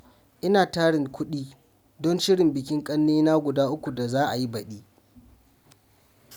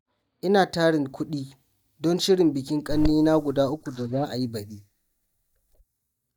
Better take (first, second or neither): first